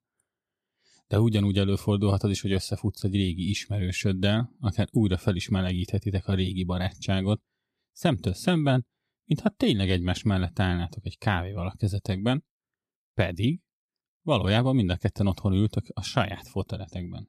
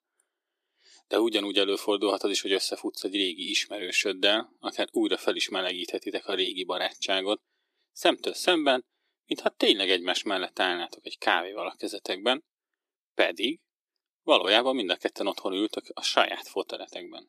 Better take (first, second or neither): first